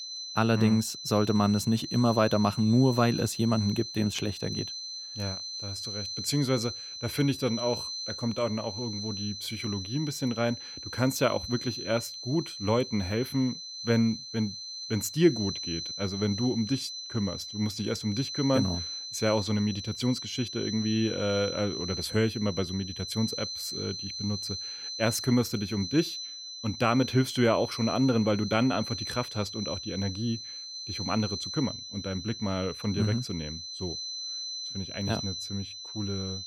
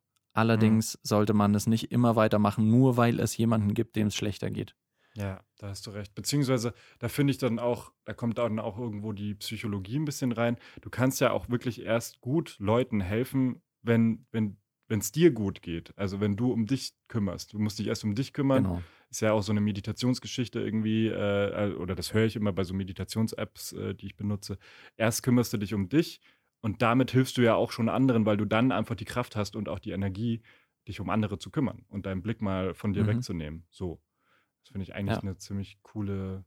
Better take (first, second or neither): second